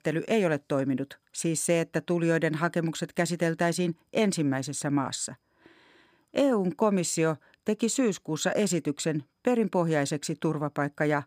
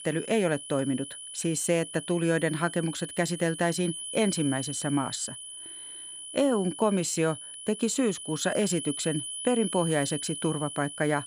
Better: first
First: none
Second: high-pitched whine; loud; throughout; 10 kHz, 8 dB below the speech

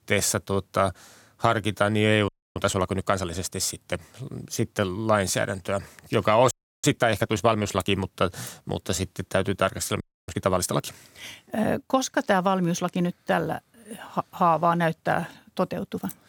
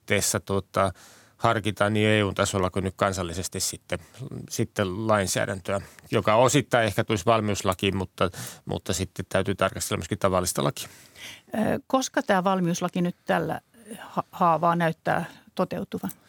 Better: second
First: audio freezing; at 2.5 s, at 6.5 s and at 10 s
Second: none

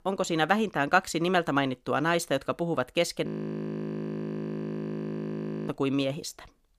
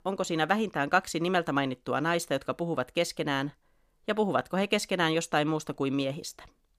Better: second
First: audio freezing; at 3.5 s for 2.5 s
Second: none

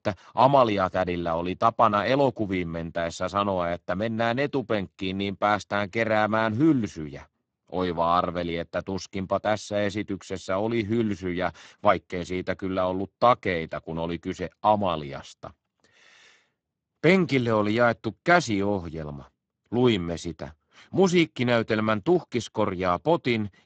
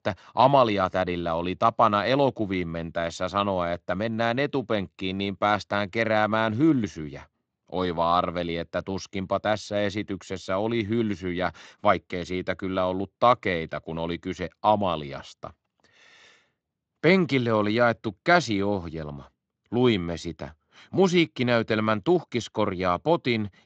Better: second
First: garbled, watery; badly; nothing above 7.5 kHz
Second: garbled, watery; slightly; nothing above 7.5 kHz

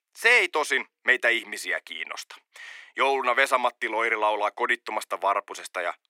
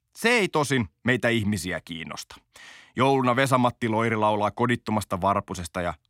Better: second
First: thin; very; fading below 350 Hz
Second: none

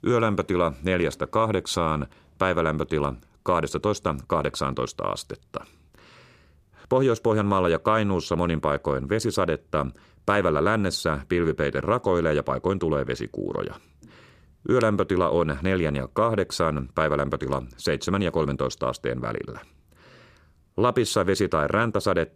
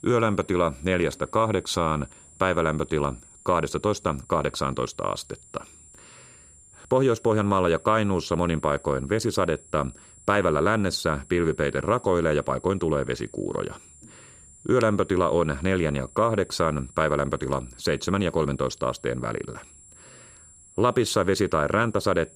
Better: first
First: none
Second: high-pitched whine; faint; throughout; 7.5 kHz, 25 dB below the speech

